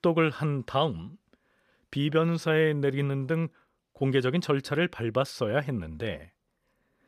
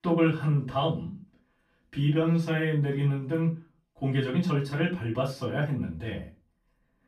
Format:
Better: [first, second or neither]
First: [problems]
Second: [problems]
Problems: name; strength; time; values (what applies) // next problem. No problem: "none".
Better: first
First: none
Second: off-mic speech; far // room echo; slight; dies away in 0.3 s